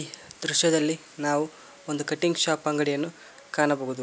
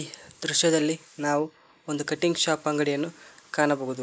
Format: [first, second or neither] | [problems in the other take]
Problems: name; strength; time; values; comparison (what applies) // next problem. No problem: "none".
first | noise reduction (neural mask model Resemble Enhance denoiser)